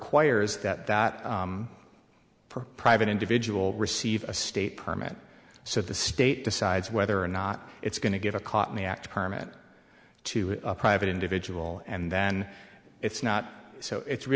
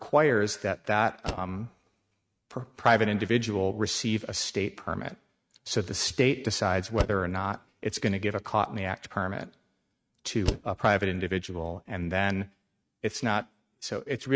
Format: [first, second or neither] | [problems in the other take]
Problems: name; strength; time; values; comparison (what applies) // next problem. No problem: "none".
first | noise reduction (neural mask model RNNoise)